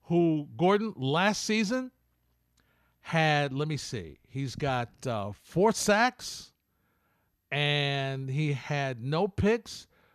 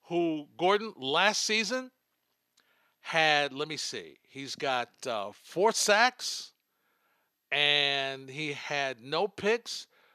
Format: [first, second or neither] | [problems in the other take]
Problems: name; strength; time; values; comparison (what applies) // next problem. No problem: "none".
first | thin; somewhat; fading below 350 Hz